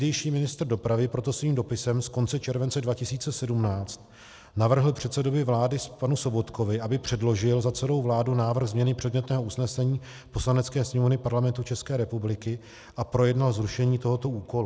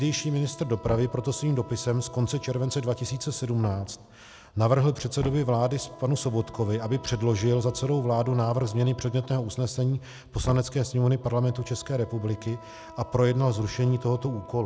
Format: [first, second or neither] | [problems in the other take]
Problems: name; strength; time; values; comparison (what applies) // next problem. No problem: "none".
first | background sound (Knock + Wind instrument, woodwind instrument); 18 dB below the speech